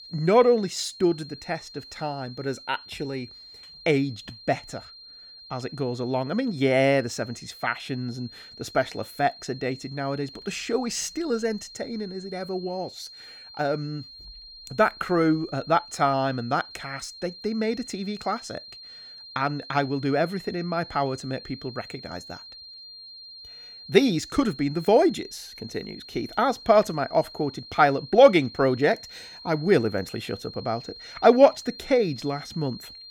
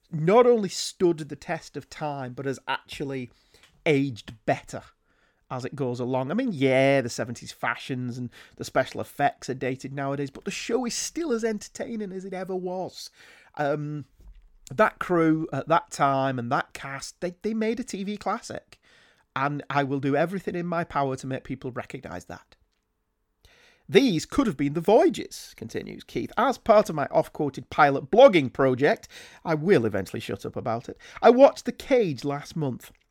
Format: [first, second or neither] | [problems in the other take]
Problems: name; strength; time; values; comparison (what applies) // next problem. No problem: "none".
second | high-pitched whine; noticeable; throughout; 4 kHz, 15 dB below the speech